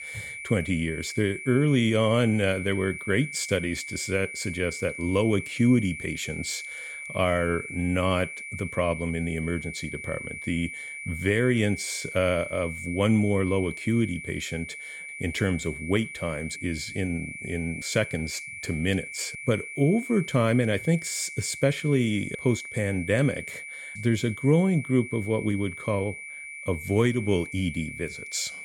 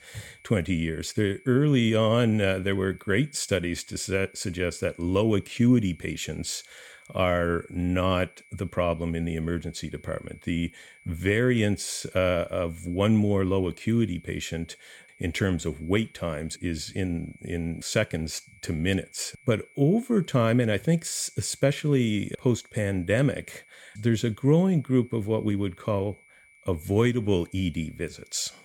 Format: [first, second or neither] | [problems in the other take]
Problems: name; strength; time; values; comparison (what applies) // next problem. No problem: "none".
second | high-pitched whine; loud; throughout; 2.5 kHz, 9 dB below the speech; faint in the second